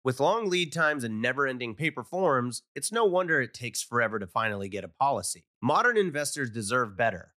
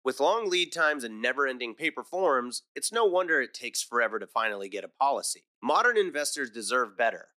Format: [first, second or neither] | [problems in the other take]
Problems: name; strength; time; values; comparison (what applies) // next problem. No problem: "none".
first | thin; somewhat; fading below 300 Hz